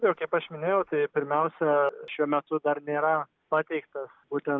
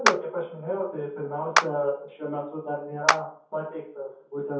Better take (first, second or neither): first